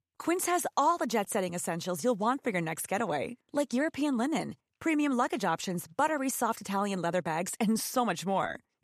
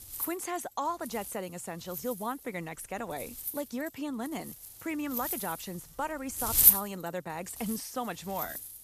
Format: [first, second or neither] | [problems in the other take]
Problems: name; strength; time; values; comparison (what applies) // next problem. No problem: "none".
first | wind noise on the microphone; heavy; 3 dB above the speech